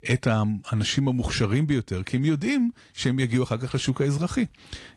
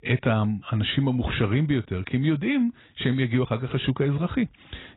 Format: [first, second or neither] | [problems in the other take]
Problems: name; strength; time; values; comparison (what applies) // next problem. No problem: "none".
first | garbled, watery; badly; nothing above 4 kHz; slightly in the first